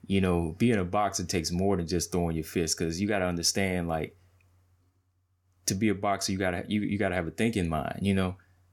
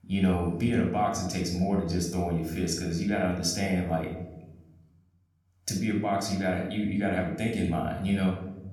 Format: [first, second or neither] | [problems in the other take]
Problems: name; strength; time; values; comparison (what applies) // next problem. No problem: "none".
first | off-mic speech; somewhat distant // room echo; noticeable; dies away in 1 s